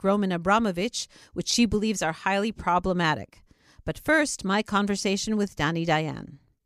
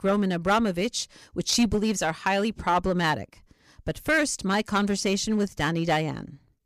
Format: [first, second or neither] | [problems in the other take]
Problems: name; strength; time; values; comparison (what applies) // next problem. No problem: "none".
first | distortion; slight; 4% of the sound clipped